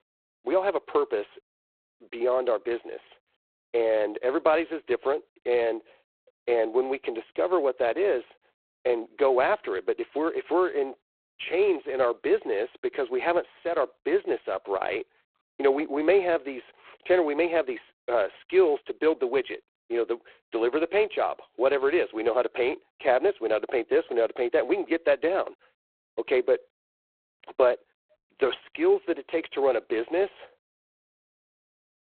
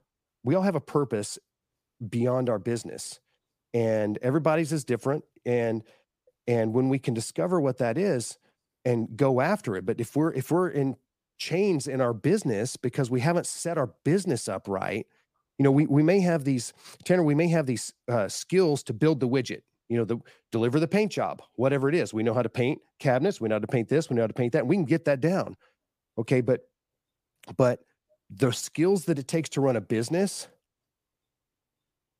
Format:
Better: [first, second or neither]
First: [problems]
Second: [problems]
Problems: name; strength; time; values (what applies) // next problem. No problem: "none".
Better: second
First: phone-call audio; poor line; nothing above 4 kHz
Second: none